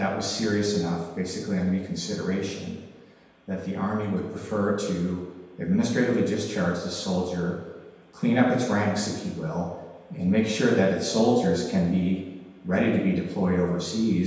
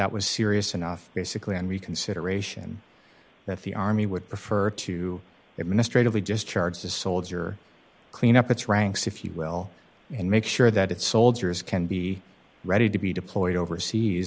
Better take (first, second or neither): second